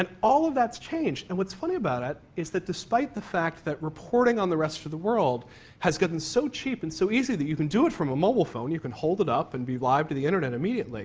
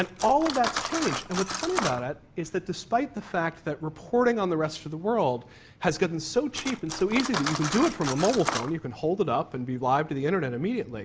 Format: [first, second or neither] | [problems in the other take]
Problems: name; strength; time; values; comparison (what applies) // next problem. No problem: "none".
first | background sound (Cutlery, silverware); 9 dB below the speech